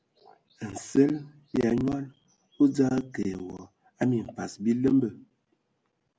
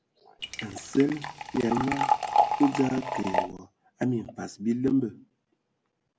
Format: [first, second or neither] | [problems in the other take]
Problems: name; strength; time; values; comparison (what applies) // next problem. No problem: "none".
first | background sound (Liquid); 1 dB above the speech